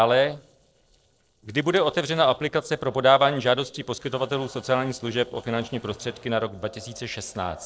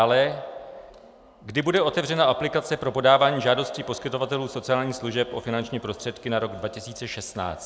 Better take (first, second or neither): second